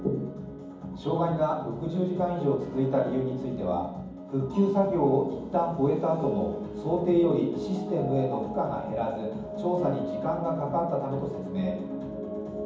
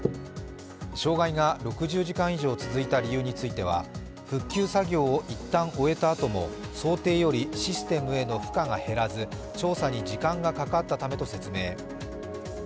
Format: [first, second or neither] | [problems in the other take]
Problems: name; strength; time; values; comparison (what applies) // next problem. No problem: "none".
second | room echo; dies away in 1.2 s